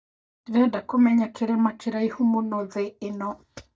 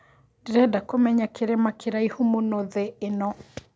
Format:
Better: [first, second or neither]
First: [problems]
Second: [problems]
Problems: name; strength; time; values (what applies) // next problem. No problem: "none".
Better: second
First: noise reduction (neural mask model DeepFilterNet 3)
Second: none